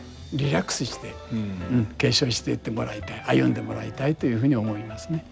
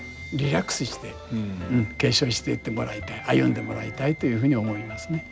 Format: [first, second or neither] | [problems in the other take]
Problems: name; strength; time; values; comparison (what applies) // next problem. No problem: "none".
first | background sound (Wind instrument, woodwind instrument); 17 dB below the speech